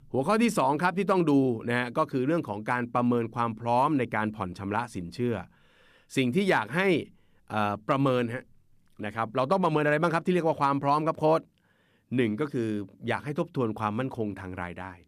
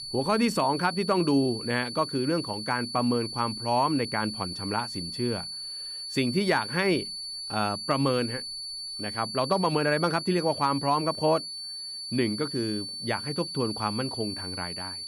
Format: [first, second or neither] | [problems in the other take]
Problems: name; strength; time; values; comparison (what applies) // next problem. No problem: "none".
first | high-pitched whine; loud; throughout; 4.5 kHz, 6 dB below the speech